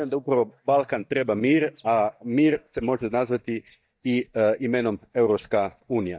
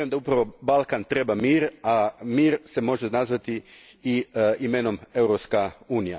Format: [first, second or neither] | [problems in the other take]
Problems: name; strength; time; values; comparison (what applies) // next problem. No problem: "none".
second | noise reduction (neural mask model DeepFilterNet 3)